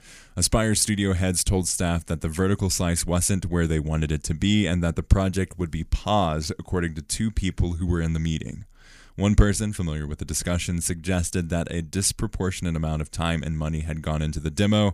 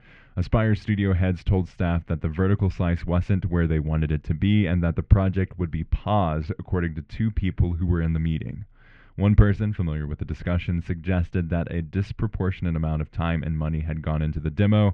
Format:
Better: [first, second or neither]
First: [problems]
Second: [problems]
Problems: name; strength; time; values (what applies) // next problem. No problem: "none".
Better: first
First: none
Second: muffled; very; fading above 2.5 kHz